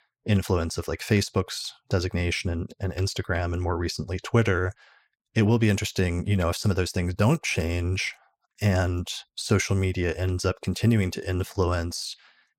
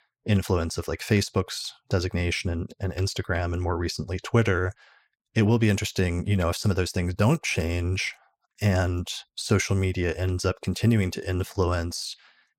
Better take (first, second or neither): neither